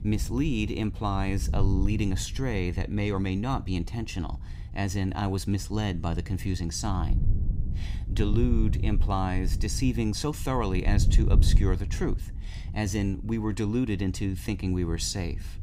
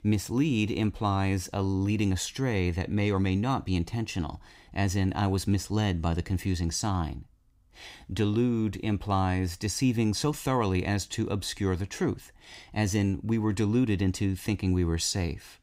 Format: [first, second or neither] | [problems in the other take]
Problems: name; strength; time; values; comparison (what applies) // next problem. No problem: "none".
second | wind noise on the microphone; occasional gusts; 15 dB below the speech